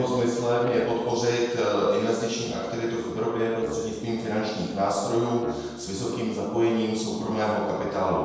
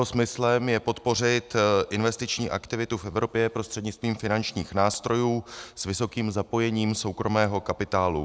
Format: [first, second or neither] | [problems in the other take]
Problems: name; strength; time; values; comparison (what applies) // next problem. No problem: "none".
second | noise reduction (neural separator model SepFormer DNS4)